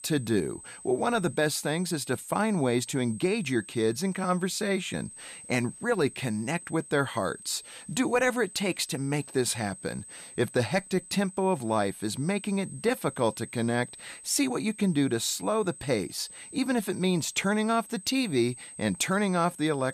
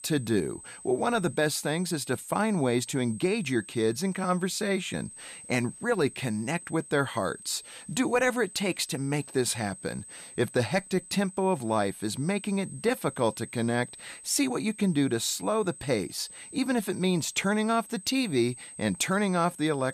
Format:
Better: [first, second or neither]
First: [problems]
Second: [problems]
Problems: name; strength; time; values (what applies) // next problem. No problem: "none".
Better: neither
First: high-pitched whine; noticeable; throughout; 8 kHz, 15 dB below the speech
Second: high-pitched whine; noticeable; throughout; 8 kHz, 15 dB below the speech